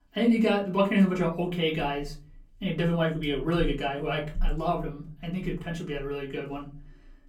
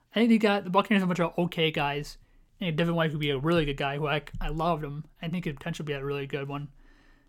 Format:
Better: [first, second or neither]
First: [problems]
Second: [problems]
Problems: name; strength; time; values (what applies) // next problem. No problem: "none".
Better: second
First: off-mic speech; far // room echo; very slight; dies away in 0.3 s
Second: none